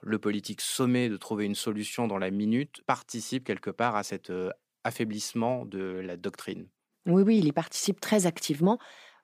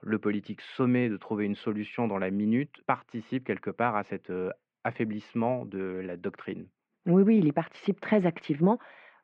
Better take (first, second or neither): first